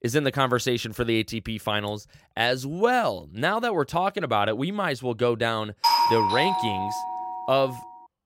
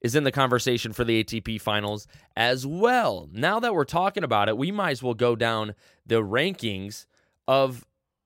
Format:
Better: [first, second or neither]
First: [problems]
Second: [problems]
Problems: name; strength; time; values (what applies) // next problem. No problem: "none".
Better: second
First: doorbell; loud; from 6 to 7.5 s; peak 5 dB above the speech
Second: none